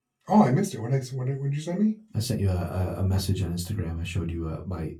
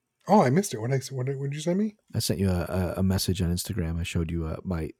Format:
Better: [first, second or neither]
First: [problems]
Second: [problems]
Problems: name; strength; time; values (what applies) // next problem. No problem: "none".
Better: second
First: off-mic speech; far // room echo; very slight; dies away in 0.2 s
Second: none